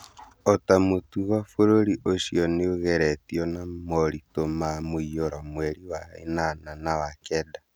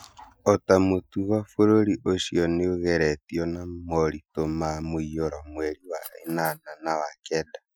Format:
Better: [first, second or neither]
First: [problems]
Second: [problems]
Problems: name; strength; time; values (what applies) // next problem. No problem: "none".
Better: first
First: none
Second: noise reduction (classical method Wiener filter)